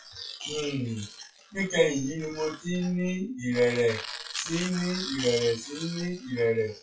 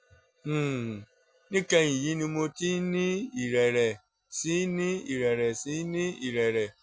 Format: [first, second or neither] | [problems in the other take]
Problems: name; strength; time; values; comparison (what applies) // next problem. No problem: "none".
second | noise reduction (classical method WPE with log-MMSE)